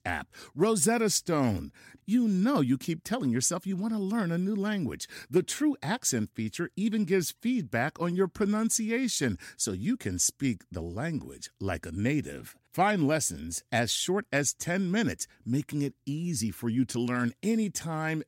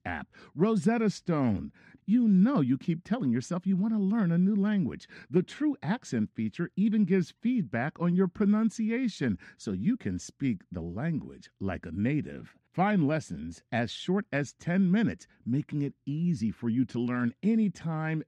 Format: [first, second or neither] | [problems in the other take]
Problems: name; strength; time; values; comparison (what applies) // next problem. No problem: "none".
first | muffled; slightly; fading above 3 kHz